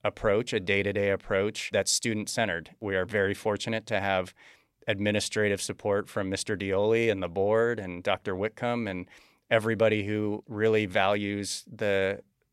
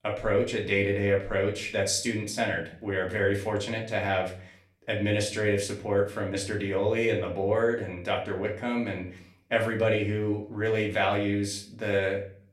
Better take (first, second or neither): first